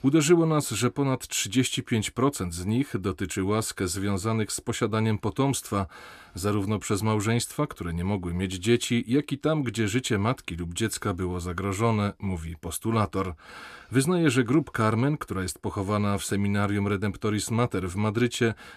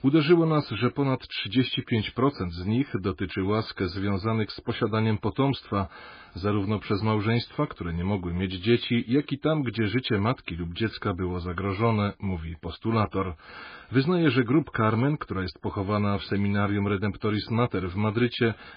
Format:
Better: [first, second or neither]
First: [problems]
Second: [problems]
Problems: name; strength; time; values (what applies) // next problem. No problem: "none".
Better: first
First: none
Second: garbled, watery; badly; nothing above 4.5 kHz